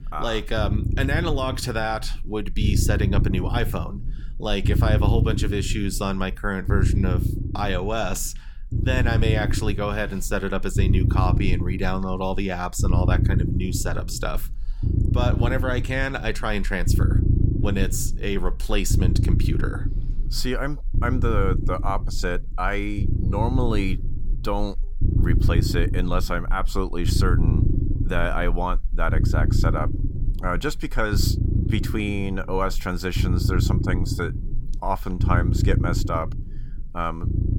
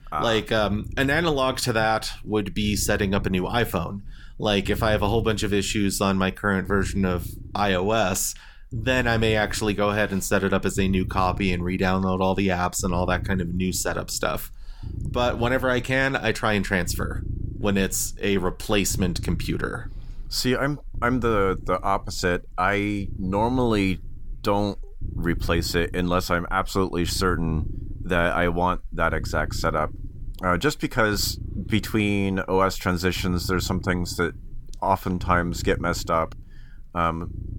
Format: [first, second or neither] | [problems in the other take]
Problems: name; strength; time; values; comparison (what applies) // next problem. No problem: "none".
second | low rumble; loud; throughout; 8 dB below the speech; faint in the second